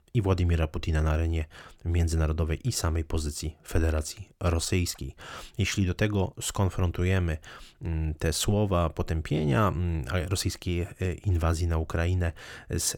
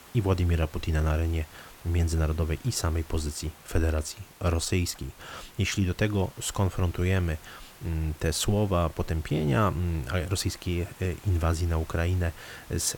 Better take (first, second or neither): first